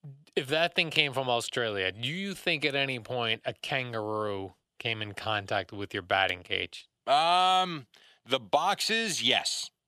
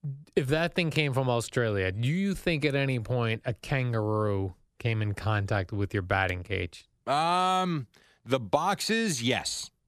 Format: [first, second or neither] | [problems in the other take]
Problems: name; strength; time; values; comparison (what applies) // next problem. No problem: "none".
second | thin; somewhat; fading below 400 Hz